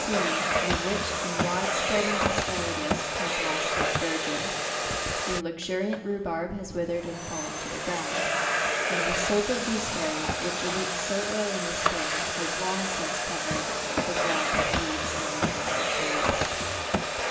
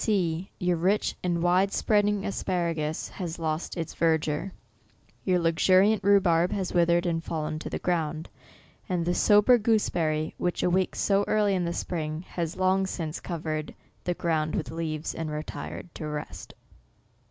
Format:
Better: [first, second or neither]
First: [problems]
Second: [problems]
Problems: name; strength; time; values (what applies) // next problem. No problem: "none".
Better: second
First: background sound (Domestic sounds, home sounds); 5 dB above the speech // room echo; dies away in 2.3 s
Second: none